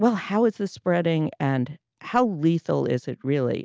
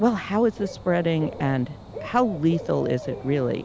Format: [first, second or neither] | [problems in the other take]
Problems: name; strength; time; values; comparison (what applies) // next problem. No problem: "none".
first | background sound (Bird / Dog); 13 dB below the speech